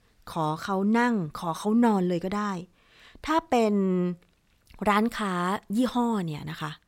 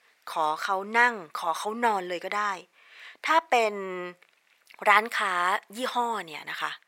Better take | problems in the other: first | thin; very; fading below 650 Hz

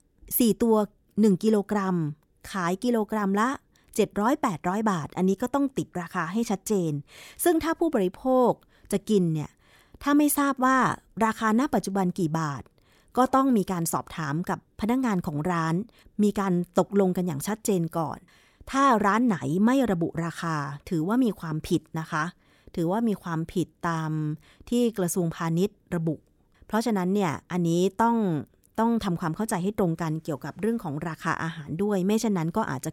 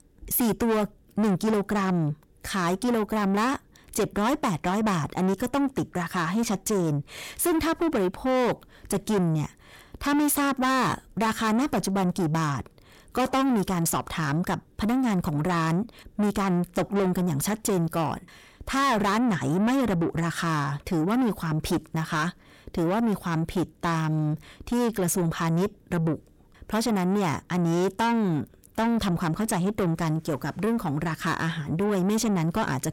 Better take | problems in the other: first | distortion; heavy; 7 dB below the speech

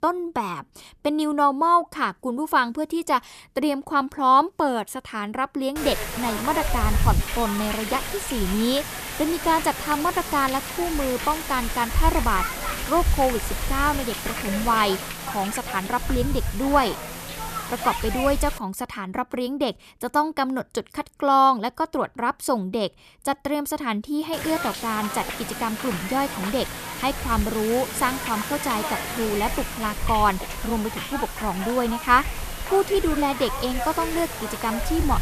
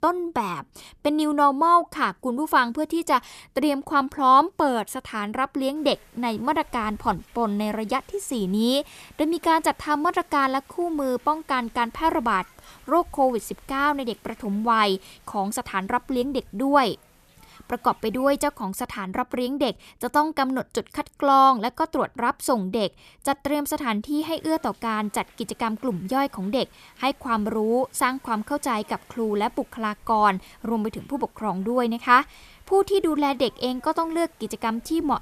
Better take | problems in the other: second | hiss; loud; from 6 to 19 s and from 24 s on; 5 dB below the speech; faint in the second

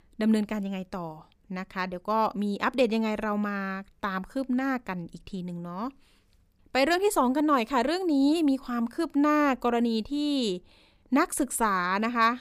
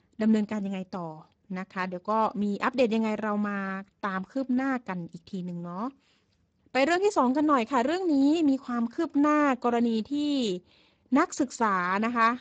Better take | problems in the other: first | garbled, watery; badly; nothing above 7.5 kHz

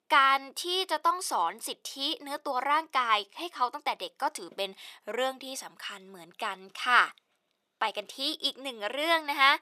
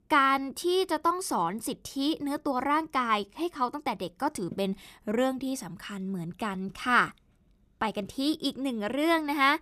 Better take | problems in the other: second | thin; very; fading below 650 Hz

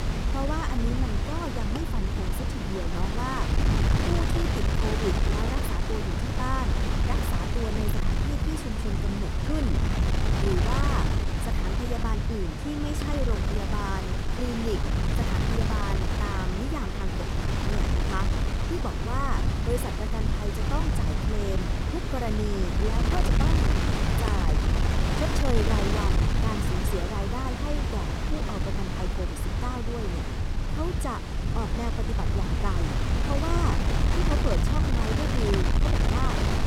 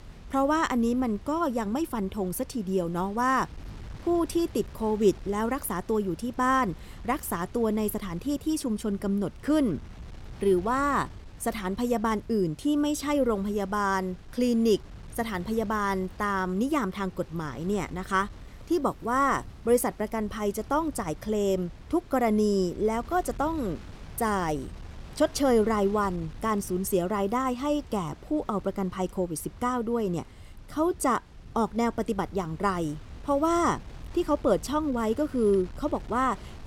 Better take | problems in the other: second | wind noise on the microphone; heavy; 2 dB above the speech; occasional gusts in the second

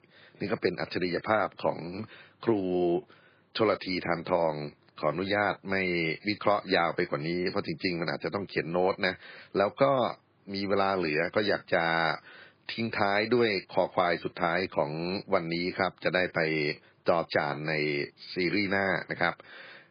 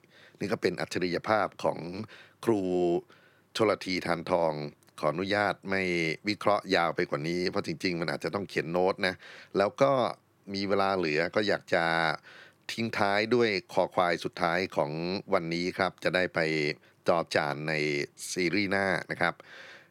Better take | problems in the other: second | garbled, watery; badly; nothing above 4 kHz

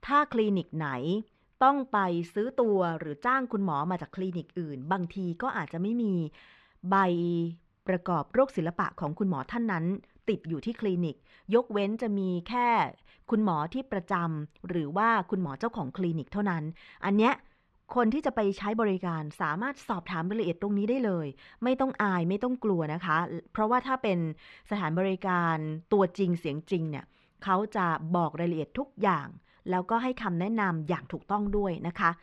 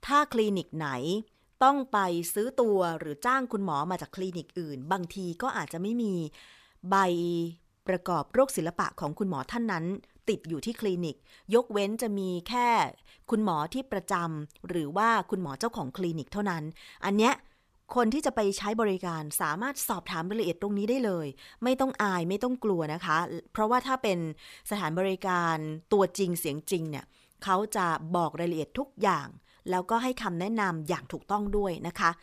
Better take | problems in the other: second | muffled; slightly; fading above 2.5 kHz

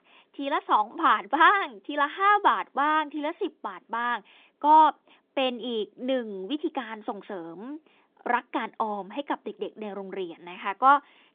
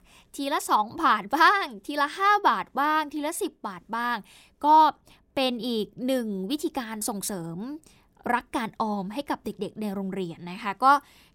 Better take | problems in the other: second | phone-call audio; nothing above 3.5 kHz

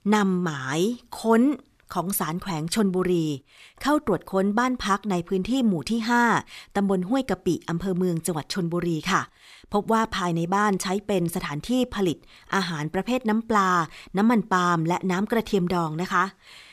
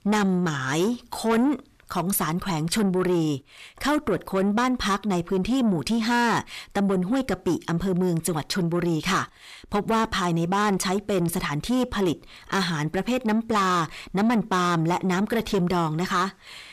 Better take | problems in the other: first | distortion; slight; 10 dB below the speech

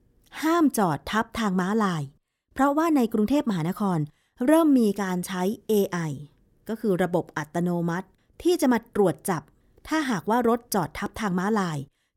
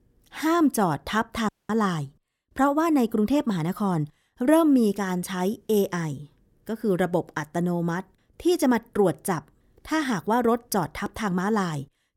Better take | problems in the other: first | audio cutting out; at 1.5 s

